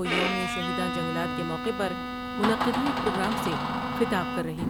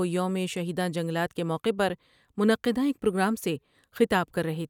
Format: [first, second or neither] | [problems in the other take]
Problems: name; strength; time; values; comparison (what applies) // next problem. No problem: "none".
second | background sound (Door + Bowed string instrument); 1 dB above the speech